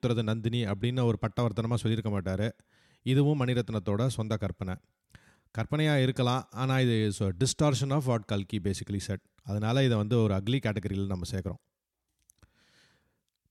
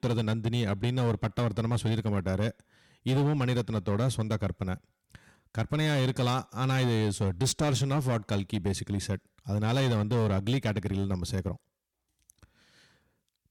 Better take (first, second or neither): first